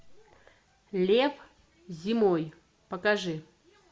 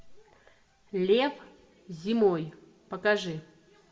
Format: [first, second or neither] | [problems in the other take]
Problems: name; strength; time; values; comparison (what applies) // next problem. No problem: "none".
first | room echo; dies away in 0.6 s